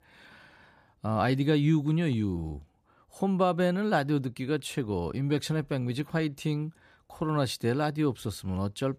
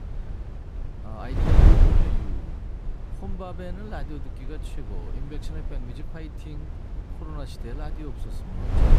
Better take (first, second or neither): first